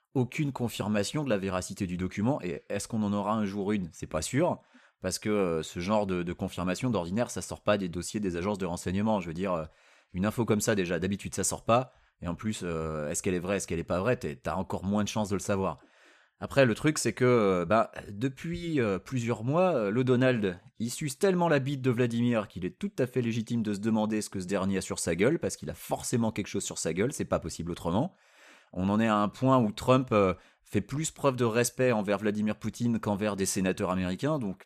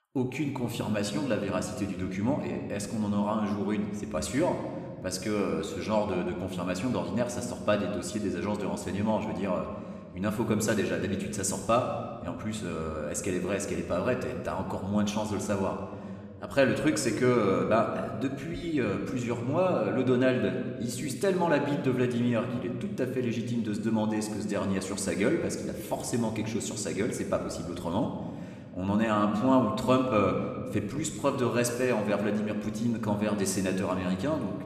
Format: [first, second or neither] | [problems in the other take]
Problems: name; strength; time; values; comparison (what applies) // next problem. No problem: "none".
first | room echo; slight; dies away in 1.5 s